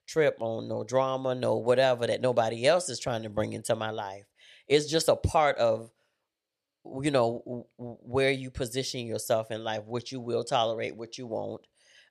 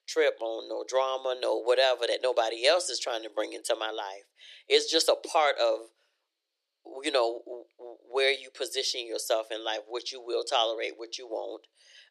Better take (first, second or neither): first